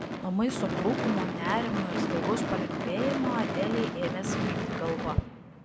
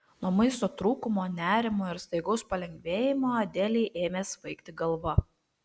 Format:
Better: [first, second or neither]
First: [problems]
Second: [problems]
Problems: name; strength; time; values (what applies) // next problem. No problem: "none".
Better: second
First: background sound (Gunshot, gunfire / Fireworks); as loud as the speech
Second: none